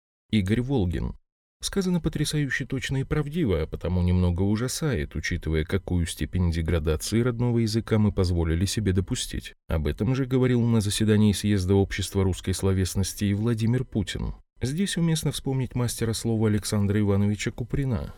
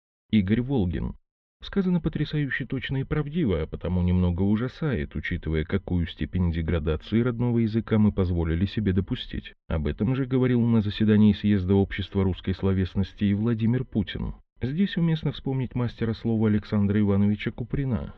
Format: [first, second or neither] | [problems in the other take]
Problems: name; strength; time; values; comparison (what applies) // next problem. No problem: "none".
first | muffled; very; fading above 3.5 kHz